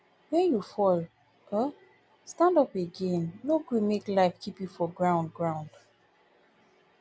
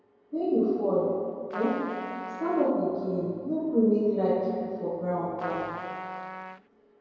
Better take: first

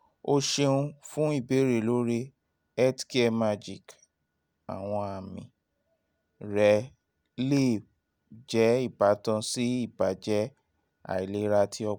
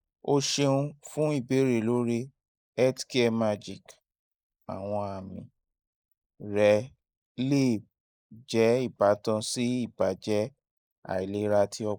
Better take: first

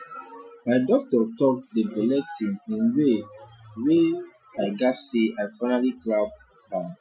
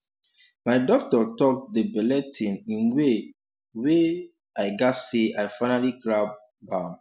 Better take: second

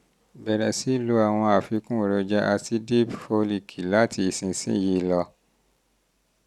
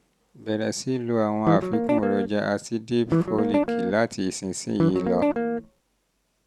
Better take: first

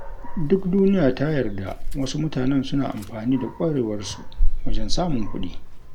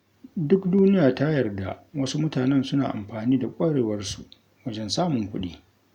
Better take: second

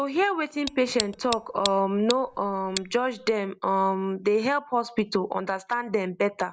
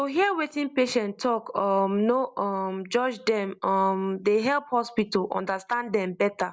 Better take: second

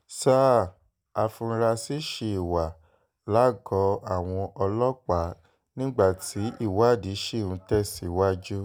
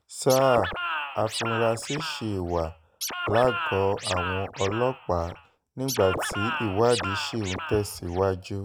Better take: first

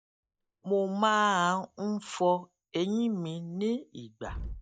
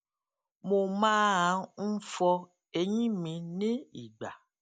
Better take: second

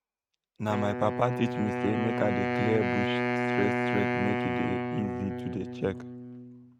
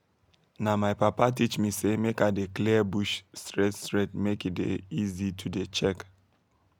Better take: second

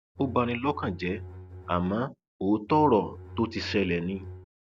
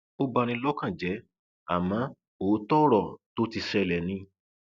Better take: second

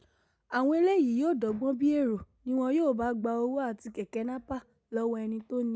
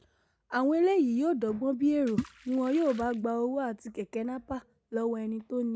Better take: first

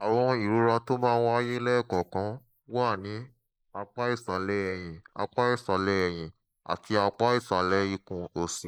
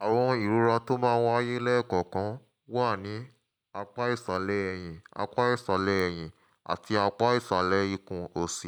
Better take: second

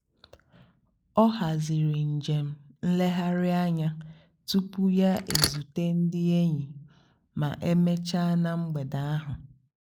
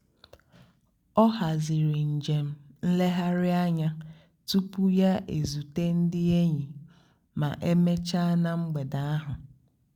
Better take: second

